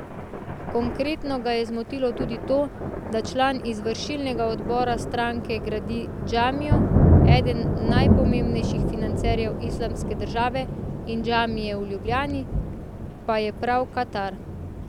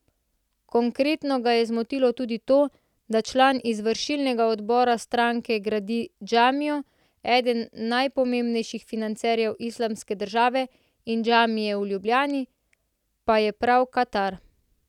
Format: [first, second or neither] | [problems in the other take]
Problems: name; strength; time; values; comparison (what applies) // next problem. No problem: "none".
second | background sound (Thunder); 2 dB above the speech